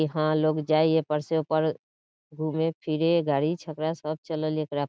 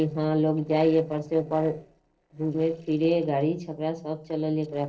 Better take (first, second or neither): first